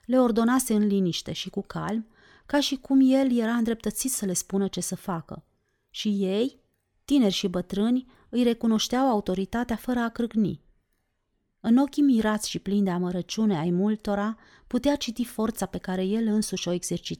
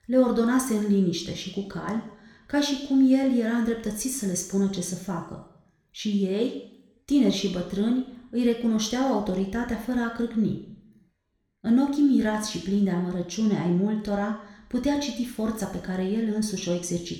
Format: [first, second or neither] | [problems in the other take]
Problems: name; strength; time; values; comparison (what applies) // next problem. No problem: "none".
first | room echo; slight; dies away in 0.7 s